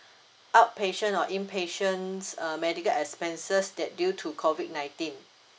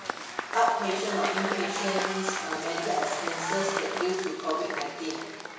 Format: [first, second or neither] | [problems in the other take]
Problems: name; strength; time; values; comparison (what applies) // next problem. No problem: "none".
first | background sound (Applause / Crowd / Cheering); 3 dB below the speech // room echo; dies away in 1 s